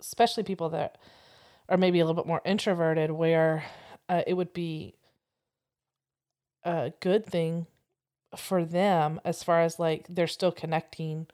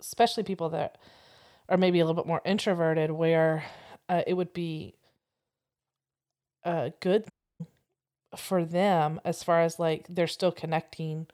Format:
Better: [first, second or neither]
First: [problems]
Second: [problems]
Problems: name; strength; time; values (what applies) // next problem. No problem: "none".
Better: first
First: none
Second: audio cutting out; at 7.5 s